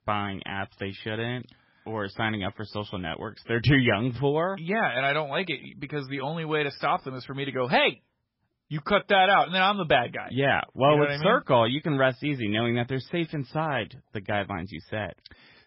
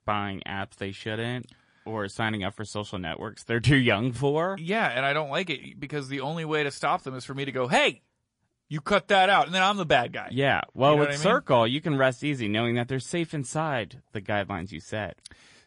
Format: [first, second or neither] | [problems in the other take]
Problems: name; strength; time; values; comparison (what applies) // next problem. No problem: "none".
second | garbled, watery; badly; nothing above 5.5 kHz; slightly in the second